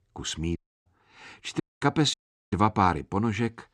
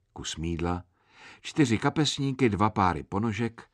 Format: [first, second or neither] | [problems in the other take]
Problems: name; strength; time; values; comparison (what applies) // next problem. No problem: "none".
second | audio cutting out; at 0.5 s, at 1.5 s and at 2 s